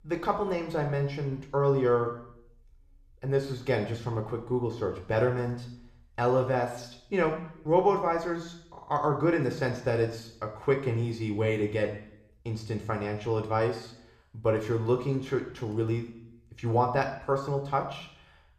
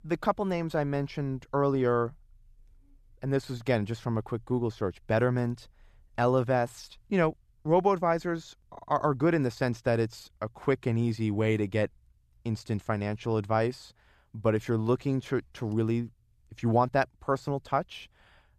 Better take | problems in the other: second | room echo; slight; dies away in 0.7 s

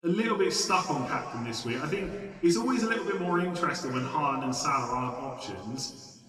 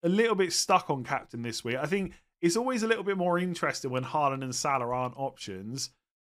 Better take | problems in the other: second | room echo; slight; dies away in 2 s // off-mic speech; somewhat distant

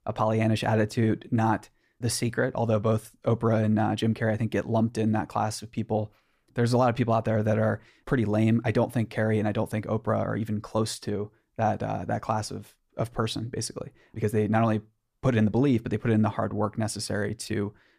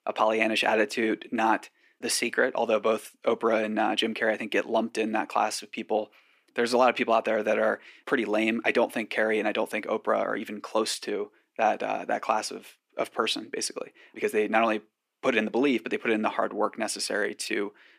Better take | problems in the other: first | thin; somewhat; fading below 300 Hz

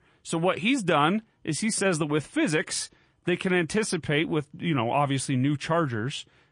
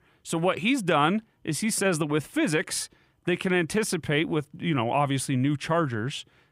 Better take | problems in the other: second | garbled, watery; slightly

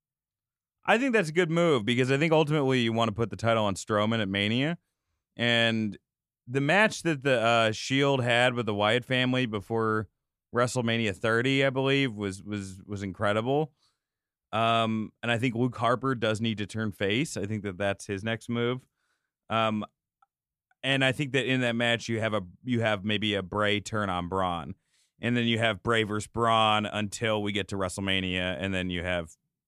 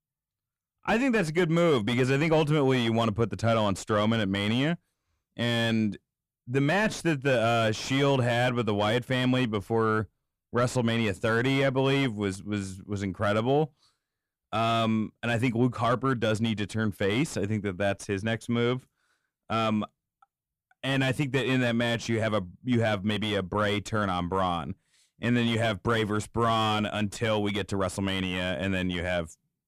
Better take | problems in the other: first | distortion; heavy; 8 dB below the speech

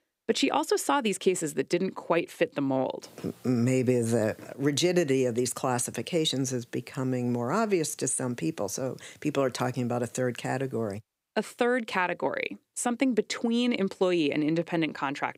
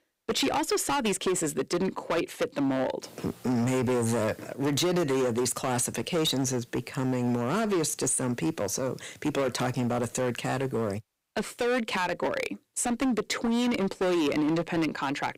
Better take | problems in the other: first | distortion; heavy; 17% of the sound clipped

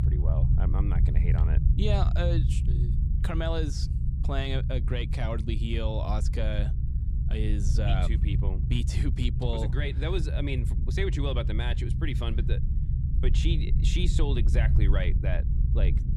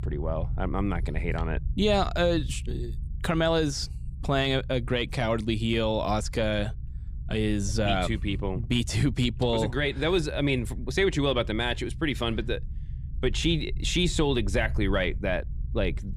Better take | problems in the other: second | low rumble; loud; throughout; 7 dB below the speech; faint in the second

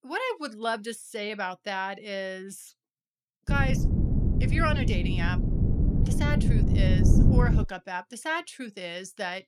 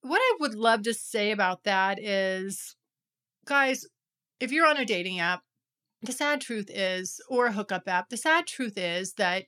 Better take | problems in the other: second | wind noise on the microphone; heavy; from 3.5 to 7.5 s; 4 dB below the speech

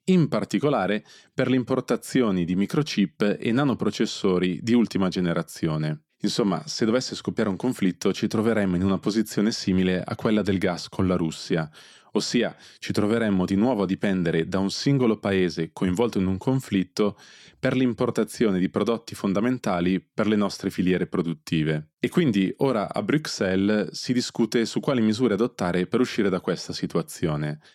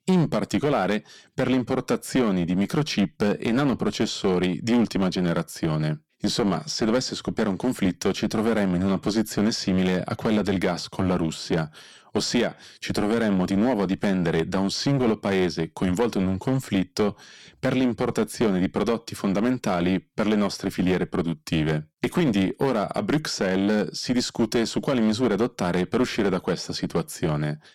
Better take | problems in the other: first | distortion; slight; 9% of the sound clipped

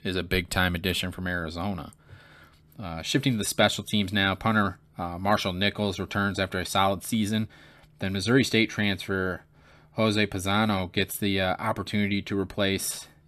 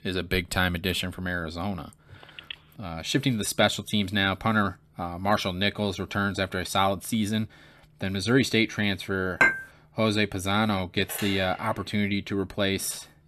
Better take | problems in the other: first | phone ringing; faint; at 2 s; peak 15 dB below the speech // clattering dishes; loud; at 9.5 s; peak 5 dB above the speech // phone ringing; noticeable; at 11 s; peak 9 dB below the speech

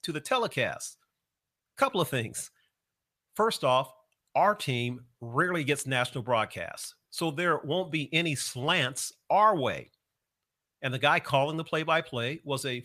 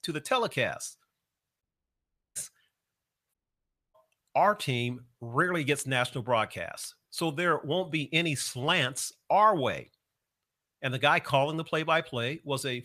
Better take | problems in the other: first | audio cutting out; at 1.5 s for 0.5 s and at 3.5 s for 0.5 s

